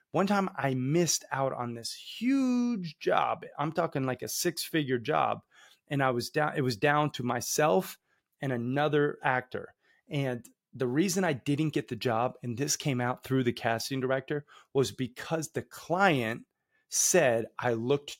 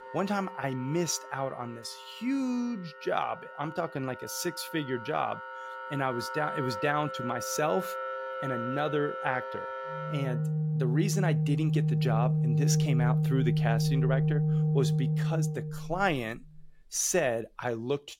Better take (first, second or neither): first